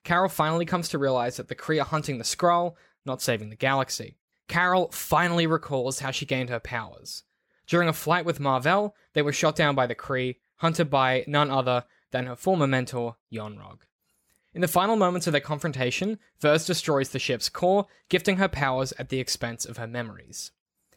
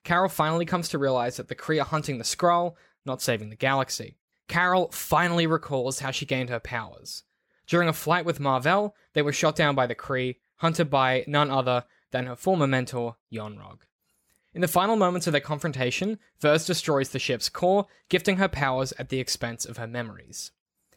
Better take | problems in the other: neither | none

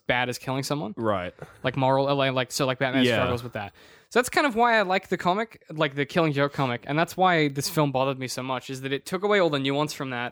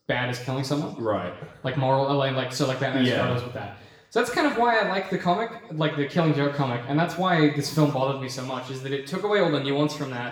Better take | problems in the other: first | room echo; noticeable; dies away in 0.8 s // off-mic speech; far

